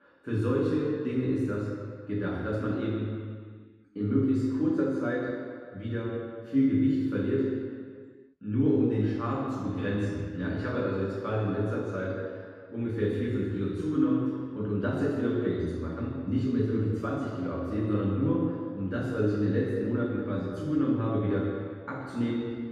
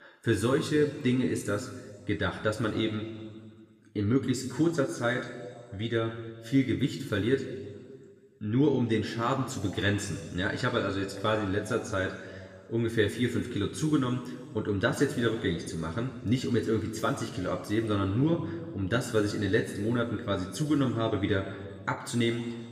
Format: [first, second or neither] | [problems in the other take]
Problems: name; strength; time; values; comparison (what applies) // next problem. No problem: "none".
second | room echo; strong; dies away in 1.8 s; slight in the second // off-mic speech; far; somewhat distant in the second